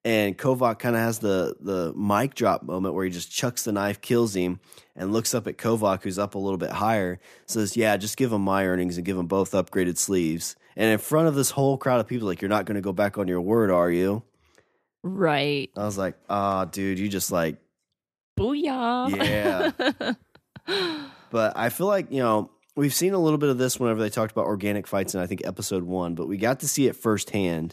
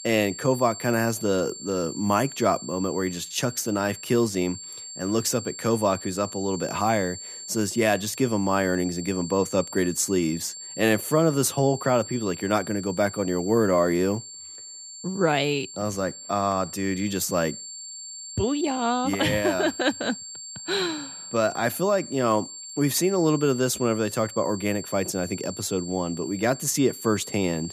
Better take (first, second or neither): first